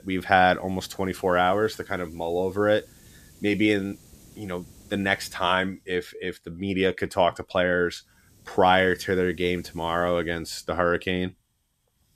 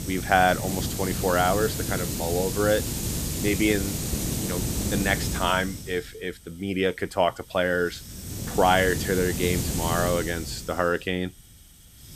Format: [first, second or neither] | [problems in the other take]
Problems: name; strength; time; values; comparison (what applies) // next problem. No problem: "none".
first | hiss; loud; throughout; 3 dB below the speech; faint in the first